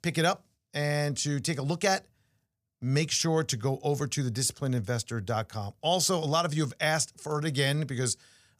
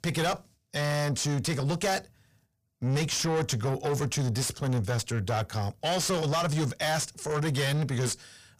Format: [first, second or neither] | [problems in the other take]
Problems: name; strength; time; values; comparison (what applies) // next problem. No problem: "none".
first | distortion; heavy; 6 dB below the speech